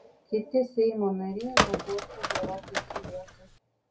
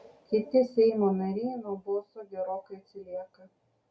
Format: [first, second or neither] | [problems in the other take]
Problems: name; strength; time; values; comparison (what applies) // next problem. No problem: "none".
second | background sound (Telephone); as loud as the speech